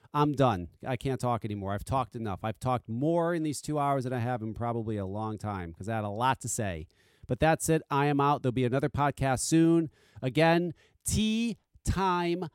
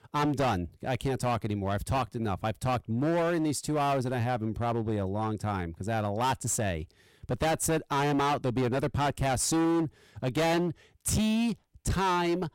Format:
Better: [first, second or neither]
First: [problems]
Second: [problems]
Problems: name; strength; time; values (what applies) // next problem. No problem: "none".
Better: first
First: none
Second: distortion; heavy; 18% of the sound clipped